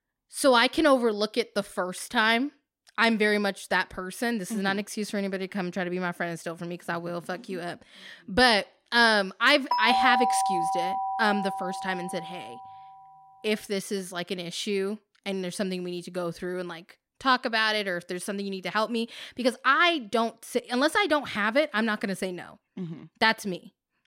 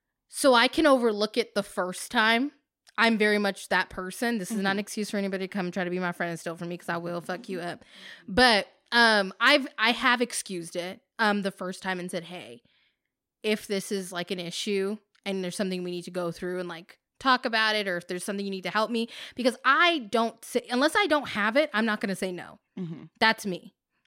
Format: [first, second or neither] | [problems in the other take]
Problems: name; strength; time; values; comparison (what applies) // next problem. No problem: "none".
second | doorbell; loud; from 9.5 to 12 s; peak 3 dB above the speech